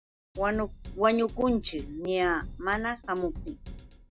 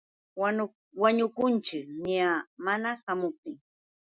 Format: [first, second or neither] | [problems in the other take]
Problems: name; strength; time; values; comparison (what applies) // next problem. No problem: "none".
second | background sound (Drum kit); 12 dB below the speech